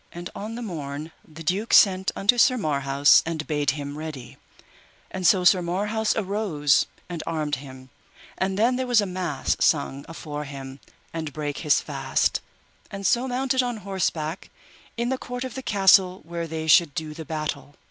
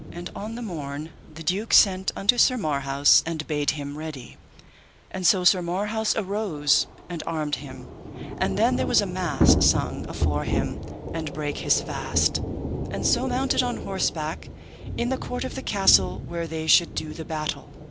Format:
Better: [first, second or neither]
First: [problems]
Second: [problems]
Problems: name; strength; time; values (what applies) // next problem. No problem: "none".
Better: first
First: none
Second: background sound (Thunder / Rain); 5 dB below the speech